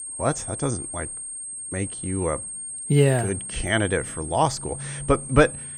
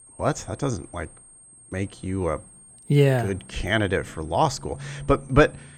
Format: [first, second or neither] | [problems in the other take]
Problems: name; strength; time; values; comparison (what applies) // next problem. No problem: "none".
second | high-pitched whine; loud; throughout; 8.5 kHz, 7 dB below the speech; faint in the second